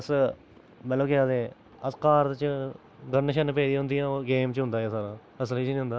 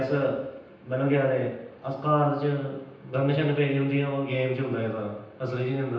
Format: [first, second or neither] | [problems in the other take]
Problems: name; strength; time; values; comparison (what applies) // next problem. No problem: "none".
first | room echo; dies away in 0.9 s